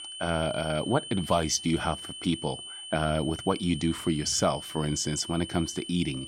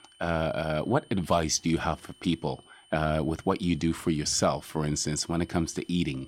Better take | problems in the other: second | high-pitched whine; loud; throughout; 3 kHz, 10 dB below the speech; faint in the second

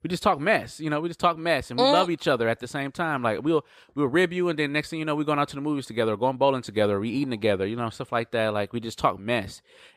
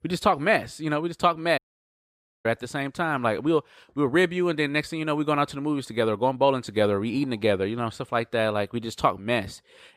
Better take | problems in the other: first | audio cutting out; at 1.5 s for 1 s

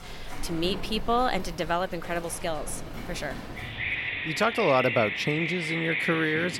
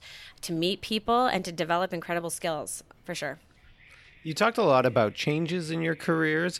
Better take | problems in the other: second | animal sounds; loud; throughout; 4 dB below the speech; faint in the second

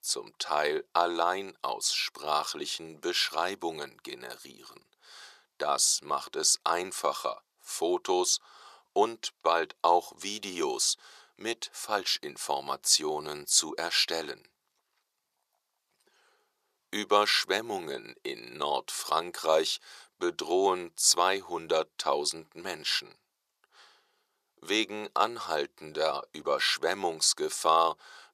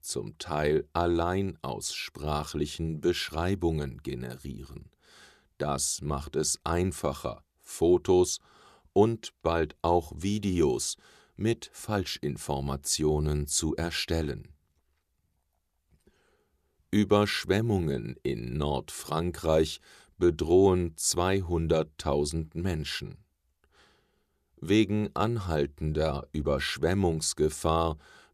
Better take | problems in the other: second | thin; very; fading below 650 Hz

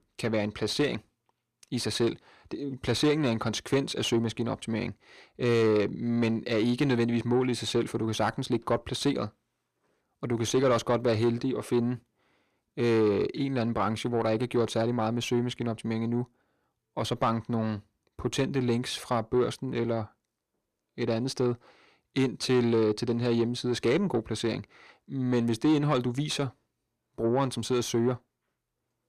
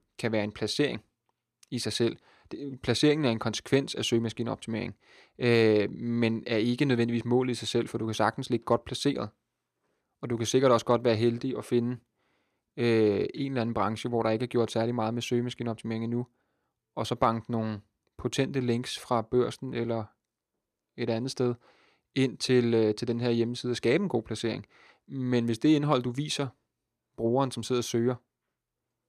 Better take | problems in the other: second | distortion; slight; 10 dB below the speech

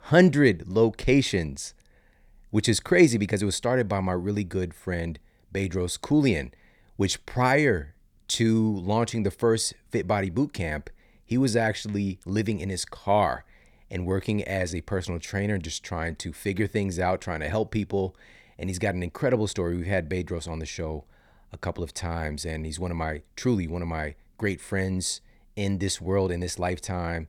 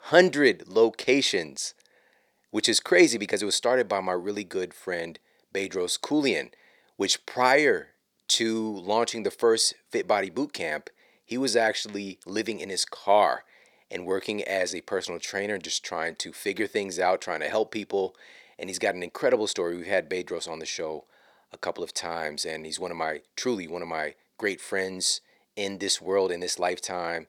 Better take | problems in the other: first | thin; somewhat; fading below 450 Hz

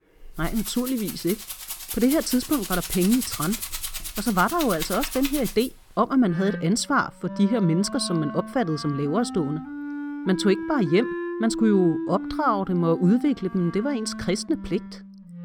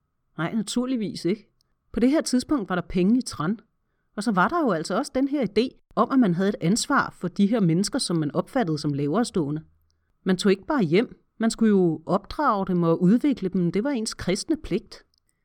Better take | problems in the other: second | background music; loud; throughout; 8 dB below the speech

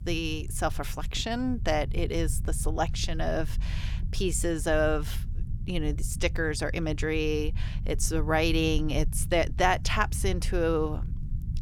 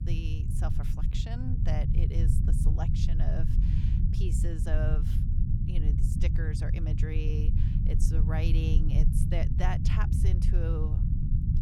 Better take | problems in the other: first | low rumble; loud; throughout; 1 dB below the speech; faint in the first

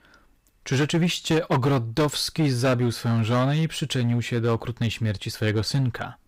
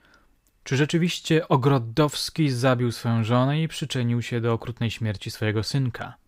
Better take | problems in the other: second | distortion; slight; 8% of the sound clipped

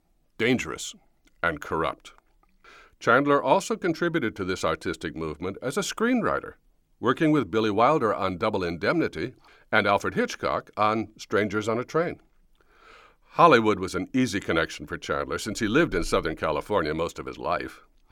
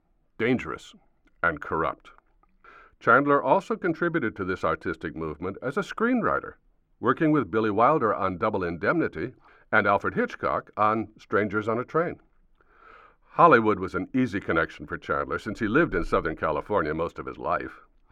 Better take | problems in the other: first | muffled; very; fading above 3.5 kHz

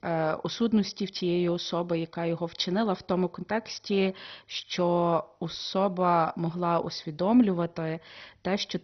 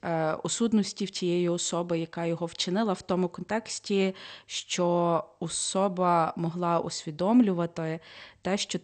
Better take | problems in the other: second | garbled, watery; badly; nothing above 6 kHz; slightly in the second

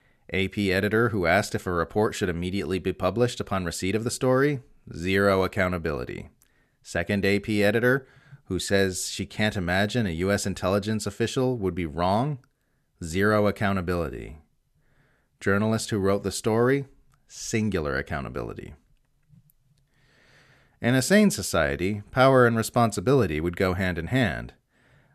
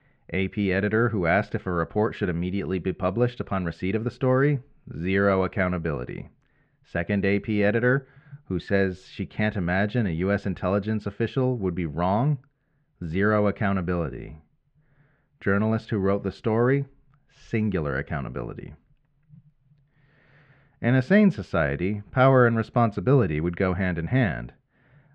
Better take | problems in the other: first | muffled; very; fading above 2.5 kHz

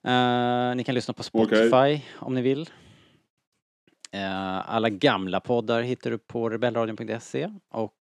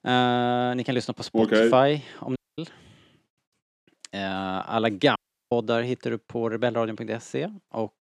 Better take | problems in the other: first | audio cutting out; at 2.5 s and at 5 s

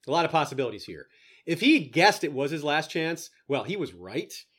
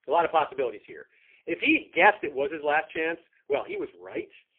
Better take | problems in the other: first | phone-call audio; poor line

